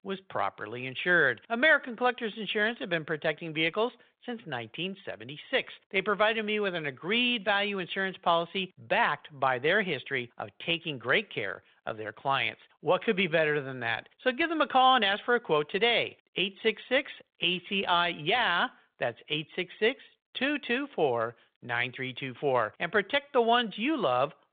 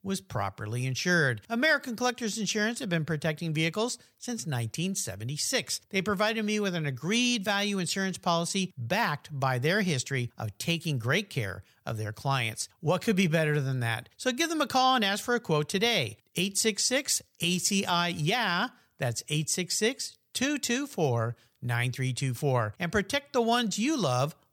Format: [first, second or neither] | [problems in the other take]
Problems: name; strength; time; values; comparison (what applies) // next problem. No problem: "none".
second | phone-call audio